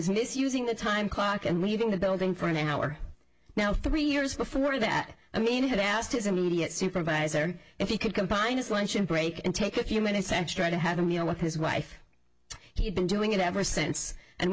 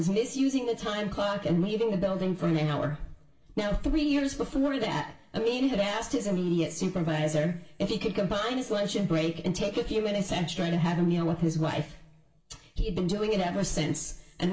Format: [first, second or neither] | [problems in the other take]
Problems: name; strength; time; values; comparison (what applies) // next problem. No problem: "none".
first | room echo; dies away in 0.6 s